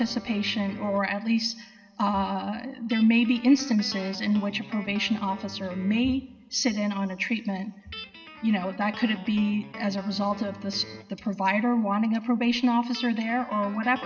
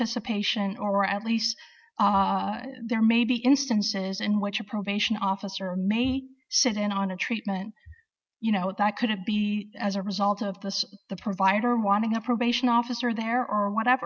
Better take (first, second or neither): second